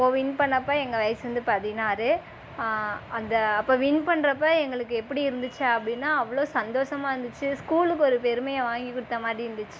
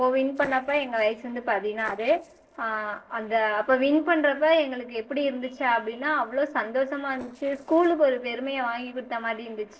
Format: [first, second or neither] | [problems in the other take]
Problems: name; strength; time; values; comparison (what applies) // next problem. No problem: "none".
first | noise reduction (neural separator model SepFormer DNS4)